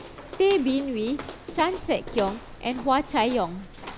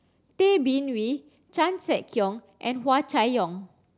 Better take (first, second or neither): second